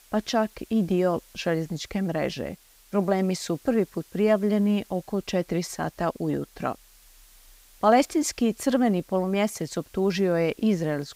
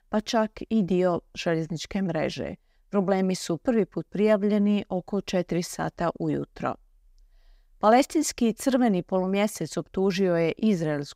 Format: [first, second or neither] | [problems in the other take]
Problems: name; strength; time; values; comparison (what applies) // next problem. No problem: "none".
second | hiss; faint; throughout; 25 dB below the speech